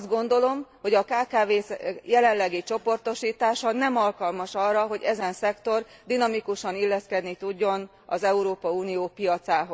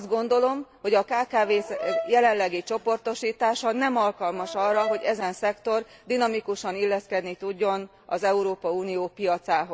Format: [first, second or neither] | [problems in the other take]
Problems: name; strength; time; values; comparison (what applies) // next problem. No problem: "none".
first | background sound (Brass instrument); 9 dB below the speech